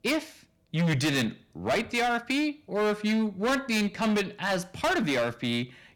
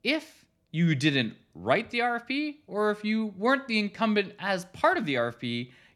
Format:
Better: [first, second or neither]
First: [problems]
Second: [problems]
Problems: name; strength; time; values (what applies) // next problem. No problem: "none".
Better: second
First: distortion; heavy; 18% of the sound clipped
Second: none